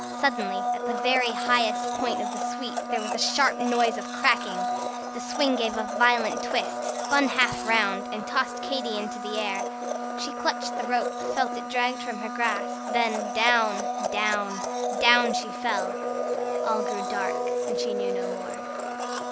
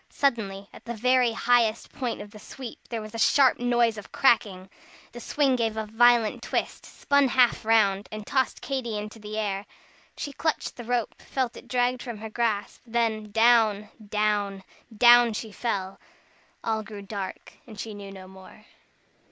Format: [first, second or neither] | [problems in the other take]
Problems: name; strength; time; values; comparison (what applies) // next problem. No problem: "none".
second | background sound (Domestic sounds, home sounds); 2 dB below the speech